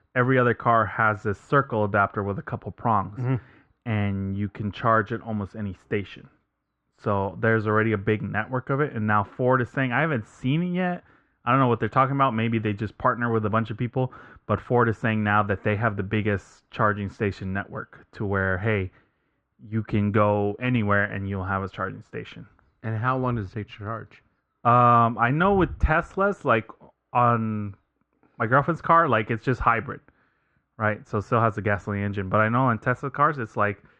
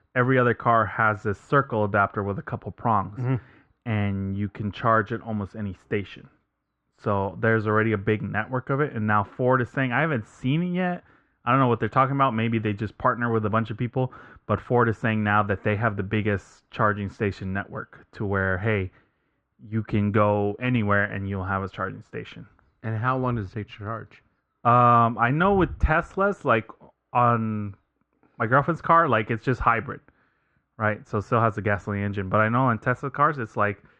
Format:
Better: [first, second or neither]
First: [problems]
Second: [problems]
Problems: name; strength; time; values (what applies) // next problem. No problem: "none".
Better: neither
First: muffled; very; fading above 1.5 kHz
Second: muffled; very; fading above 1.5 kHz